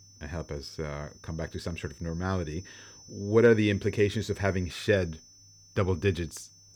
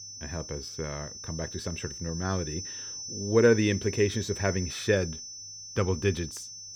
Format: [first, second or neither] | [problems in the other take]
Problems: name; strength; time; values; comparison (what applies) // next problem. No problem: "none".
first | high-pitched whine; loud; throughout; 6 kHz, 9 dB below the speech; faint in the first